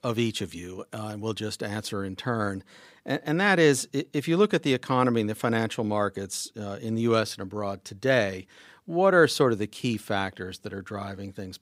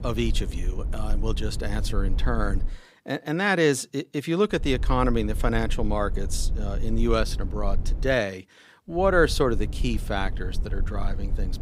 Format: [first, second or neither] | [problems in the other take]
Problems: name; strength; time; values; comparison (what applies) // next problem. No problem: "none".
first | low rumble; faint; until 2.5 s, from 4.5 to 8 s and from 9 s on; 20 dB below the speech